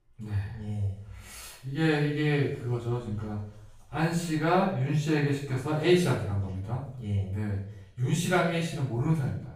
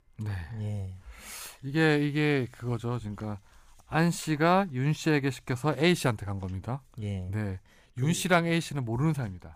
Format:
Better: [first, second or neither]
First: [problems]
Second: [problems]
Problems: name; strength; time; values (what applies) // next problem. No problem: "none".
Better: second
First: off-mic speech; far // room echo; noticeable; dies away in 0.5 s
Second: none